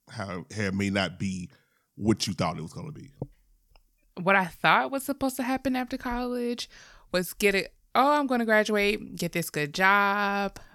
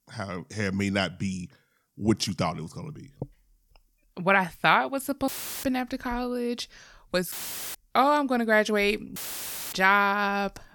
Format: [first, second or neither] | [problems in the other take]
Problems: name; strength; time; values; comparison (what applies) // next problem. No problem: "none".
first | audio cutting out; filled with static; at 5.5 s, at 7.5 s and at 9 s for 0.5 s